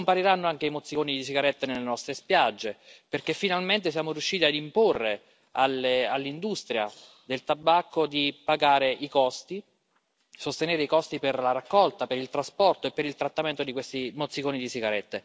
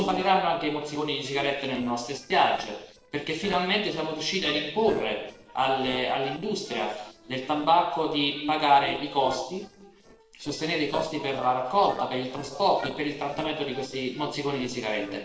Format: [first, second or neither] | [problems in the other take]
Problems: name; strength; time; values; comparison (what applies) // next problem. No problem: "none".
first | noise reduction (neural separator model SepFormer DNS4)